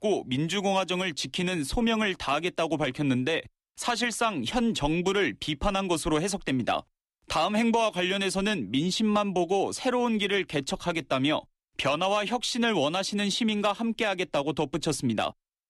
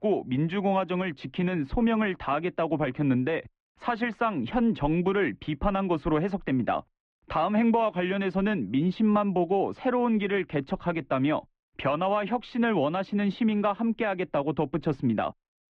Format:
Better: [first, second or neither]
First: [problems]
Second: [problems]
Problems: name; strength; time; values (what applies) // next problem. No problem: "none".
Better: first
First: none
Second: muffled; very; fading above 2 kHz